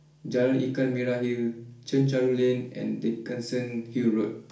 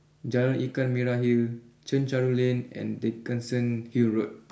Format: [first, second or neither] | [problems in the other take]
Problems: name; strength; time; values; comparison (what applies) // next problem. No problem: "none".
second | room echo; dies away in 0.4 s